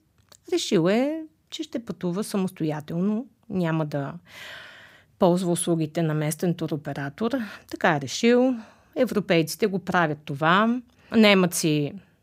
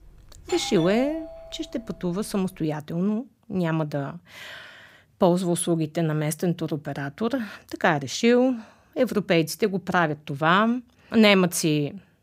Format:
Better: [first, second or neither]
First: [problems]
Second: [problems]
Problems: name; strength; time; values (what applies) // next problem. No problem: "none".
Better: first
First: none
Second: doorbell; noticeable; until 2.5 s; peak 10 dB below the speech